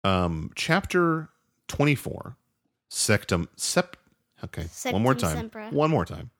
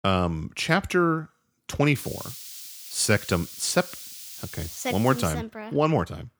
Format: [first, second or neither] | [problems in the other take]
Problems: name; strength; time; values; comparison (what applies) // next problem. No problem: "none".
first | hiss; noticeable; from 2 to 5.5 s; 15 dB below the speech